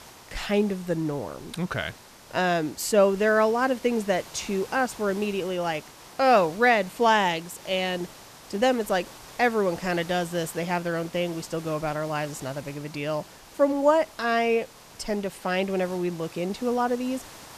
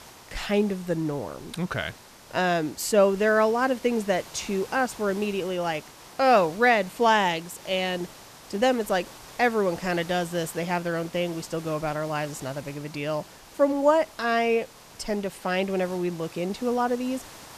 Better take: neither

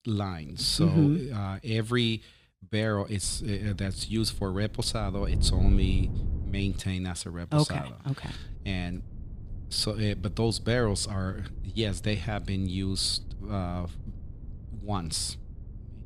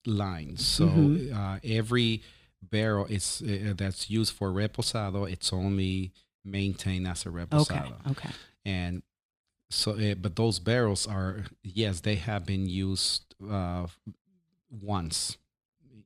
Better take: second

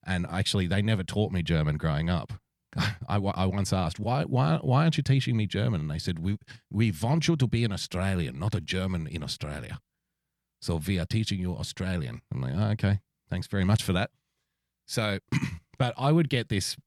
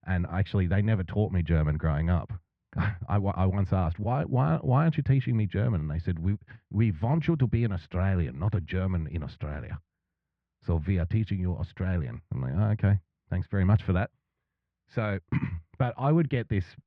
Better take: first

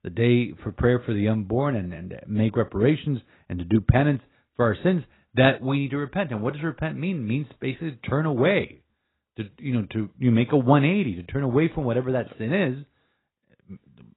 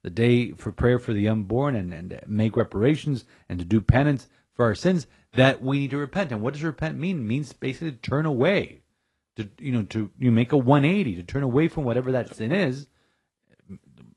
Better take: second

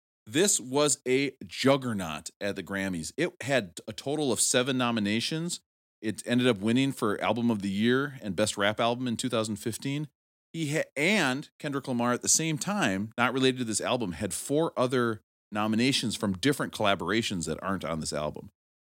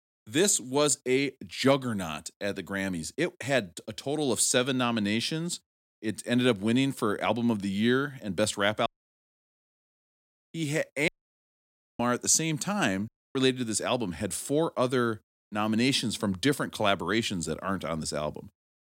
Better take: first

